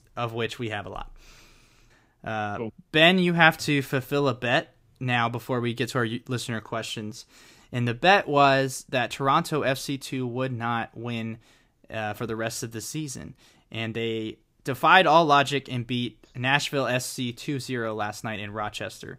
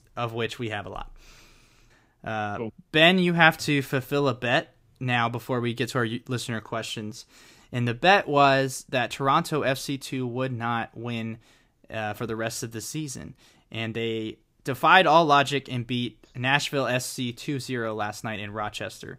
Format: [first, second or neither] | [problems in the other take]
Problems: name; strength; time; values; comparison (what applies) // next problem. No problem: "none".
neither | none